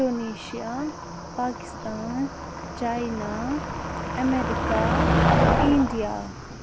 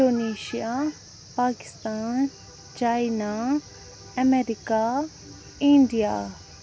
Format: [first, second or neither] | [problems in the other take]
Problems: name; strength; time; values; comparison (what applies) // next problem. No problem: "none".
second | background sound (Motor vehicle (road)); 2 dB above the speech